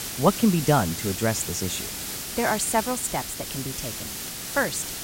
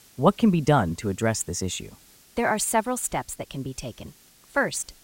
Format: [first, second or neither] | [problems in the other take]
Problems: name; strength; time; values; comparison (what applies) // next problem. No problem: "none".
second | hiss; loud; throughout; 5 dB below the speech; faint in the second